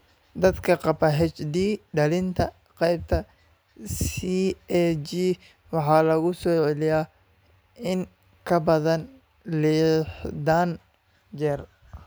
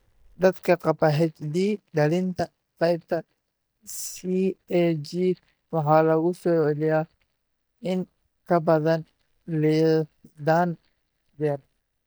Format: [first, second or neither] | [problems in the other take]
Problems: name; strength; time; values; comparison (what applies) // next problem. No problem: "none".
first | noise reduction (neural mask model DeepFilterNet 3)